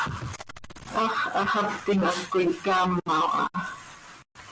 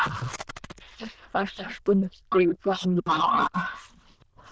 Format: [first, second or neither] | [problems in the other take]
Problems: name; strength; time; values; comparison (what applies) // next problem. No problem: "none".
first | noise reduction (neural diffusion model UNIVERSE++)